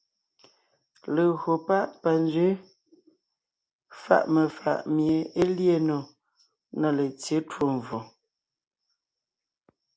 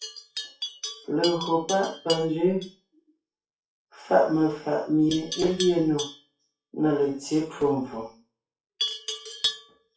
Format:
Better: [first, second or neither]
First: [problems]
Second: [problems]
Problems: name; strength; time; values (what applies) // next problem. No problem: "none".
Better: first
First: none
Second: noise reduction (classical method WPE with log-MMSE)